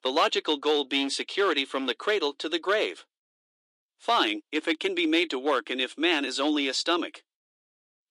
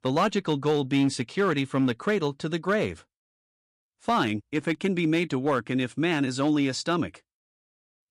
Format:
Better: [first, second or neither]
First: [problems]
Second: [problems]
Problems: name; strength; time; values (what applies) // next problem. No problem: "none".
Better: second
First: thin; somewhat; fading below 300 Hz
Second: none